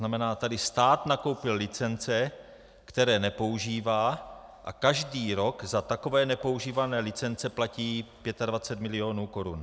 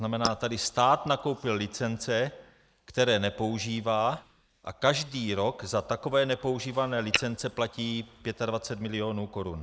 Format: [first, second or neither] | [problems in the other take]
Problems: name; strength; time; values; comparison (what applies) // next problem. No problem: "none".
first | noise reduction (neural mask model Resemble Enhance denoiser)